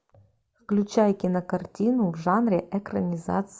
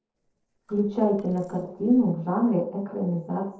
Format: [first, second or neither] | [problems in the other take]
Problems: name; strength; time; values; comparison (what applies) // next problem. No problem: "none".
first | noise reduction (neural separator model SepFormer DNS4)